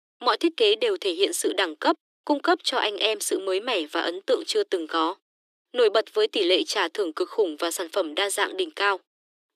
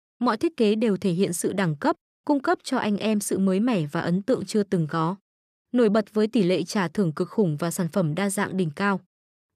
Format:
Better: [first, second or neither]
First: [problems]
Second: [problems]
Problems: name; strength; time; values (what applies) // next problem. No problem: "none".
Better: second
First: thin; very; fading below 300 Hz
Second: none